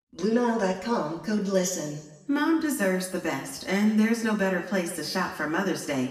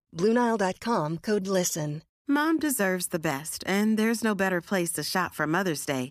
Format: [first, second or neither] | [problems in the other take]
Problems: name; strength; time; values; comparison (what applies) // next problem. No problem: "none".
second | room echo; slight; dies away in 0.9 s // off-mic speech; far